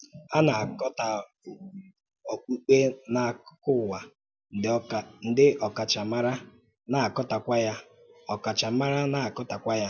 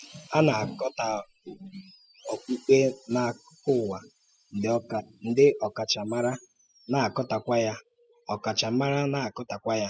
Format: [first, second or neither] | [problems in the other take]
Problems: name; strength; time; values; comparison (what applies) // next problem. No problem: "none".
first | noise reduction (classical method spectral subtraction)